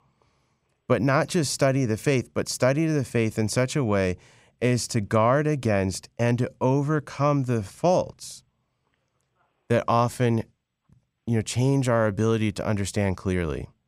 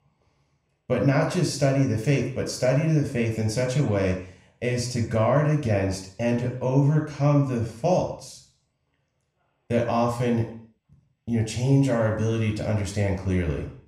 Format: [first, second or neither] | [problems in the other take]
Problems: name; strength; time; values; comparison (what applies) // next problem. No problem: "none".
first | room echo; slight; dies away in 0.5 s // off-mic speech; somewhat distant